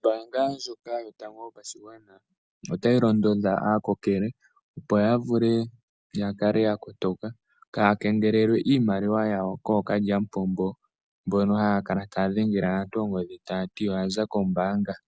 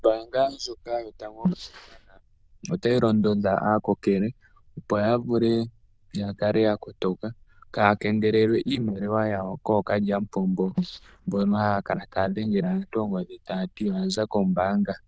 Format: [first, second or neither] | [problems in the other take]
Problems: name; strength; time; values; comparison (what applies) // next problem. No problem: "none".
first | noise reduction (neural diffusion model UNIVERSE++)